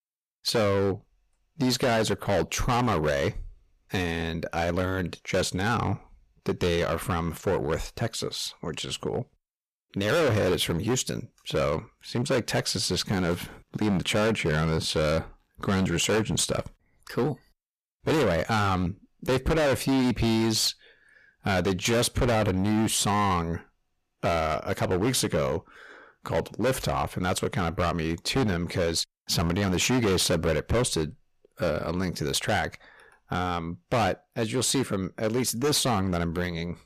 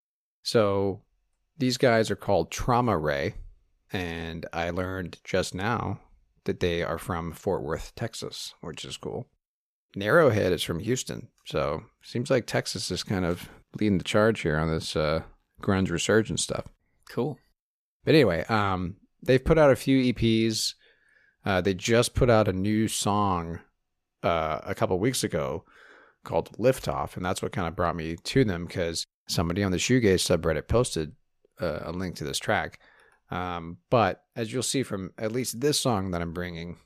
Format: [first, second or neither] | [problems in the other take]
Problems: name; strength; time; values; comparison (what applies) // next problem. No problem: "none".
second | distortion; heavy; 14% of the sound clipped